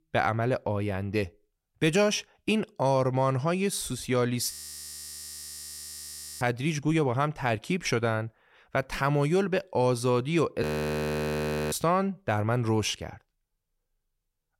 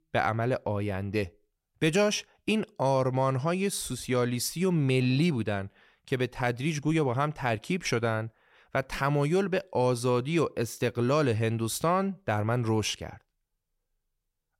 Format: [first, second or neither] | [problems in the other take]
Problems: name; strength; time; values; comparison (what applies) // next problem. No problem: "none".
second | audio freezing; at 4.5 s for 2 s and at 11 s for 1 s